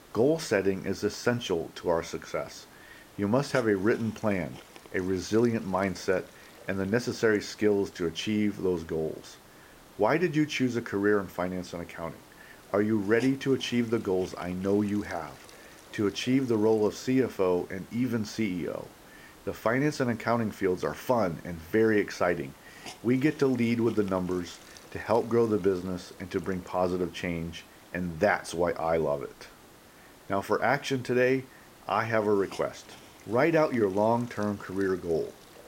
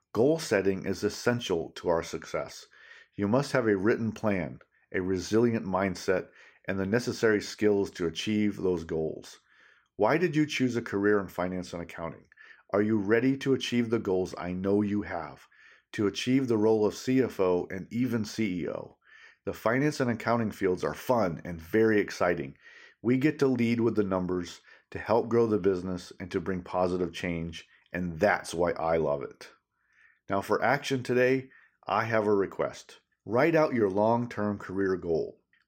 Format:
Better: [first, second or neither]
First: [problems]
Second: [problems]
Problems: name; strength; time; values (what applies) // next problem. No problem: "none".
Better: second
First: hiss; faint; throughout; 20 dB below the speech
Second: none